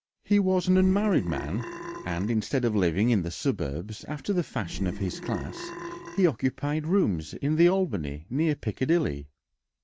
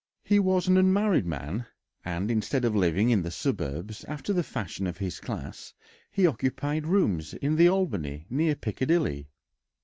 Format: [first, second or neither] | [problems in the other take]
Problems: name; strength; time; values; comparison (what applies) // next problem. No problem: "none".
second | background sound (Burping, eructation); 10 dB below the speech